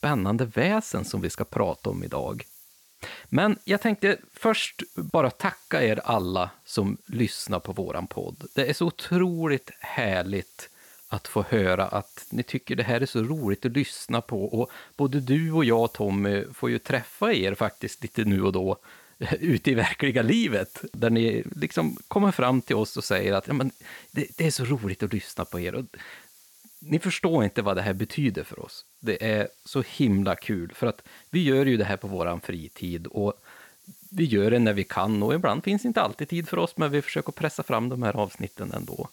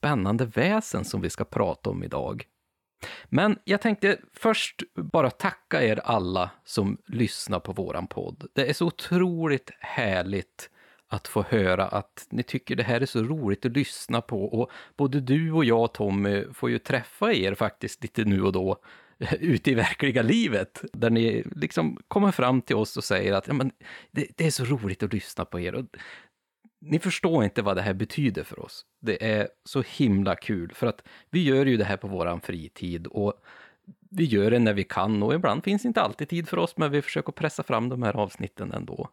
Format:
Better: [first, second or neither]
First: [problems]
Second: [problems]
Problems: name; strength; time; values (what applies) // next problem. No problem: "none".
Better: second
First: hiss; faint; throughout; 25 dB below the speech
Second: none